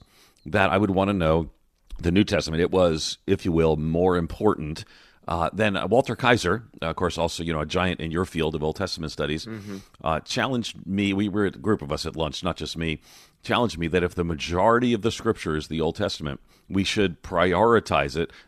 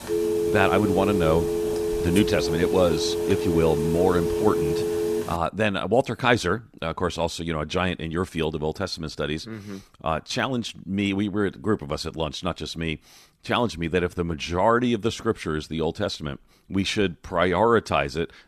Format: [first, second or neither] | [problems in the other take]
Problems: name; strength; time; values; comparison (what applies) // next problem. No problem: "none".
first | phone ringing; loud; until 5.5 s; peak 1 dB above the speech